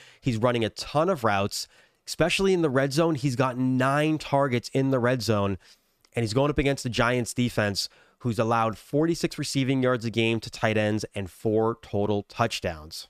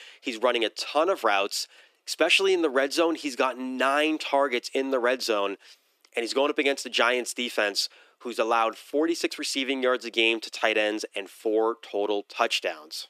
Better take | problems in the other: first | thin; somewhat; fading below 300 Hz

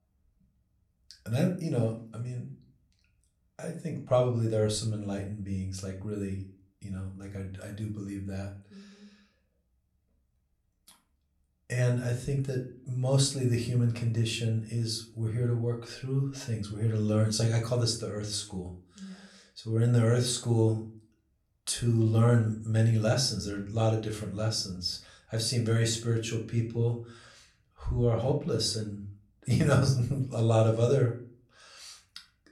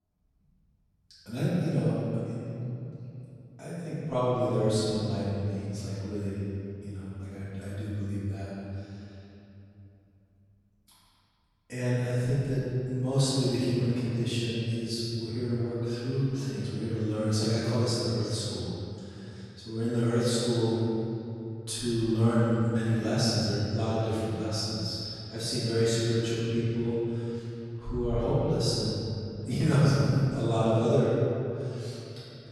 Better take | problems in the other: first | room echo; strong; dies away in 2.7 s; slight in the first // off-mic speech; far; somewhat distant in the first

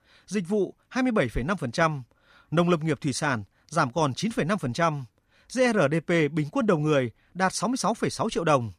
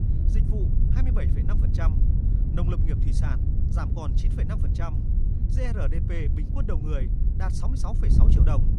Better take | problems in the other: first | wind noise on the microphone; heavy; 1 dB below the speech

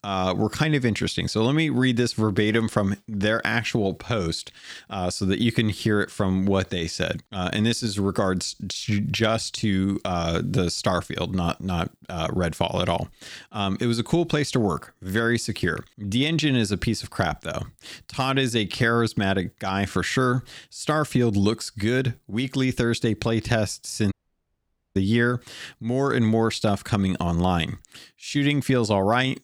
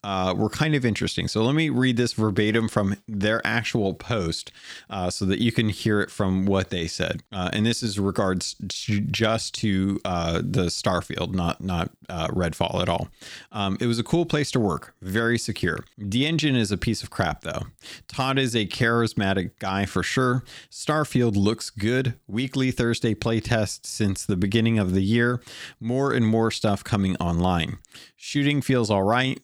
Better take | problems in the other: second | audio cutting out; at 24 s for 1 s

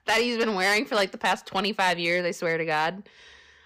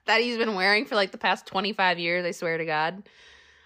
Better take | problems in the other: second | distortion; slight; 5% of the sound clipped

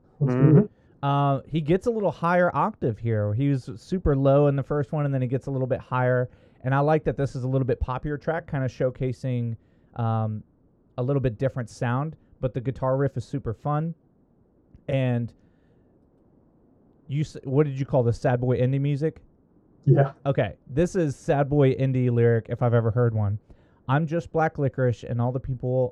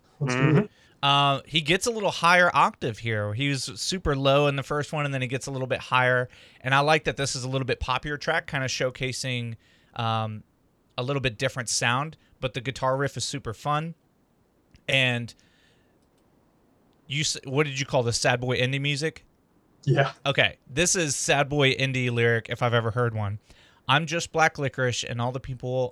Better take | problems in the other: second | muffled; very; fading above 1 kHz

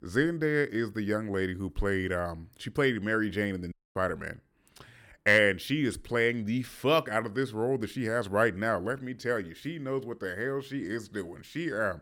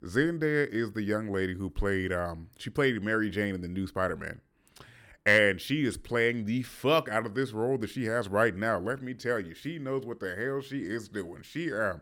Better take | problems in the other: second | audio cutting out; at 3.5 s

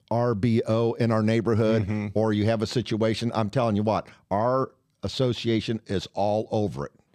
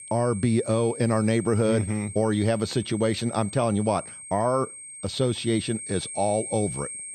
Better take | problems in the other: first | high-pitched whine; noticeable; throughout; 8.5 kHz, 10 dB below the speech

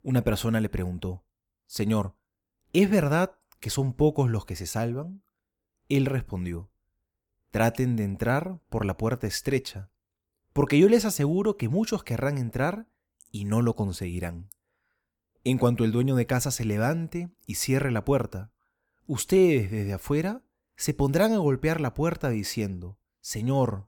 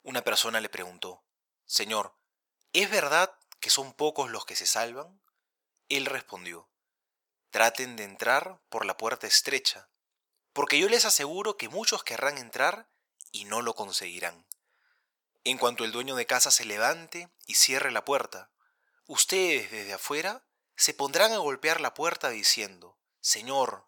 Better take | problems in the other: first | thin; very; fading below 800 Hz

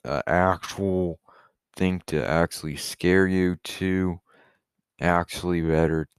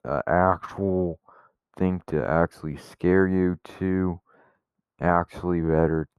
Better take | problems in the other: first | muffled; very; fading above 1.5 kHz

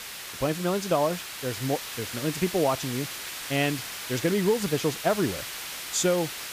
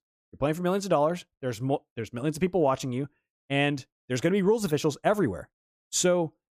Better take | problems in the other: second | hiss; loud; throughout; 6 dB below the speech

